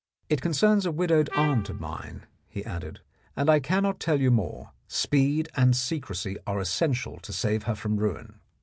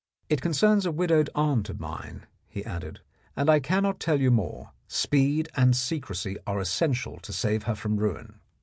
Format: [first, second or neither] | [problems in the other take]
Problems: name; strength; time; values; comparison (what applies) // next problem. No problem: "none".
second | background sound (Trumpet); 11 dB below the speech